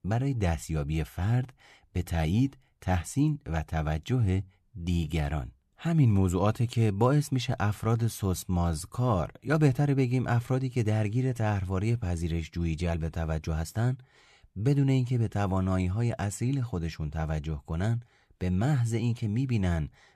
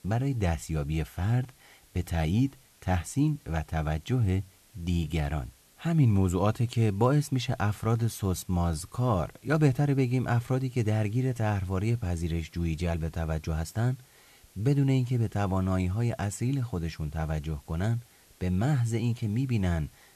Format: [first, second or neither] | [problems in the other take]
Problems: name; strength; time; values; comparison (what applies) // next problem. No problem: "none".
first | hiss; faint; throughout; 30 dB below the speech